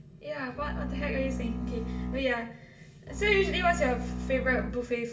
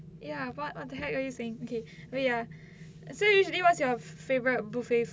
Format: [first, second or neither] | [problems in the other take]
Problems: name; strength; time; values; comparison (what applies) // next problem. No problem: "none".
second | background sound (Bowed string instrument); 4 dB below the speech // room echo; dies away in 0.7 s